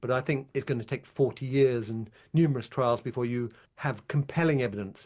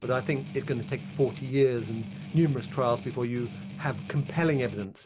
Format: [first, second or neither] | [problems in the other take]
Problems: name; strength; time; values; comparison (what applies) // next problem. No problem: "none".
first | background sound (Strum); 11 dB below the speech